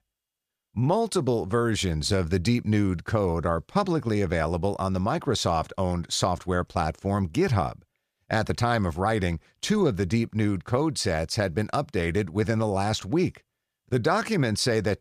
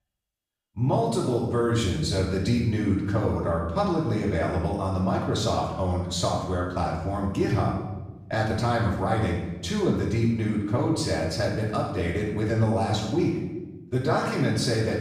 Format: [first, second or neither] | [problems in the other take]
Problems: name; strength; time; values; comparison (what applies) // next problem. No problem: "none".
first | off-mic speech; far // room echo; noticeable; dies away in 0.9 s